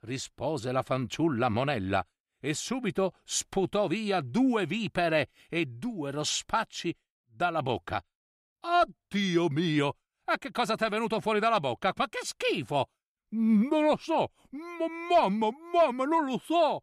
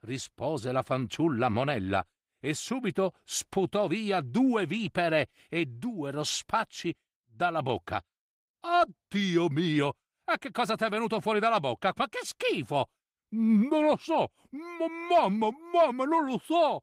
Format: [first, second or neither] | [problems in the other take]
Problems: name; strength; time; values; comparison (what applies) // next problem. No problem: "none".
first | garbled, watery; slightly; nothing above 15.5 kHz